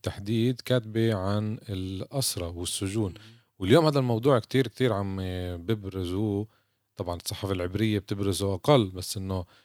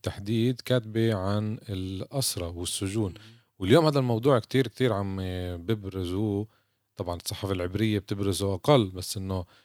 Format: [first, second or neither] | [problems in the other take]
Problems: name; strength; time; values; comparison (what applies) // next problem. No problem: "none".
neither | none